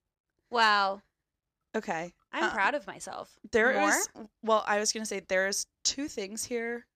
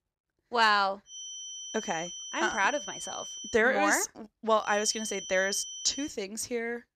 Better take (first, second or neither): first